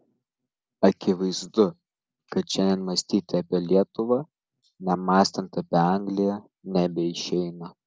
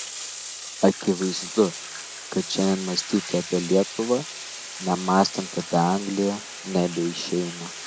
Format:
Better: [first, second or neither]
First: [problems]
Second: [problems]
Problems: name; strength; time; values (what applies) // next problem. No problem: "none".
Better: first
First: none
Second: background sound (Bathtub (filling or washing)); 11 dB below the speech